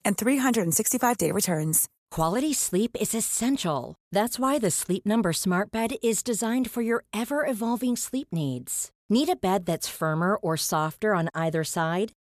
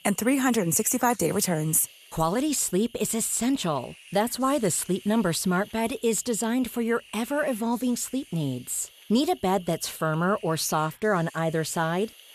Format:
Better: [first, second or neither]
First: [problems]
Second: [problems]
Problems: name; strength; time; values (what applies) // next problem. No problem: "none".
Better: first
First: none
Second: hiss; faint; throughout; 20 dB below the speech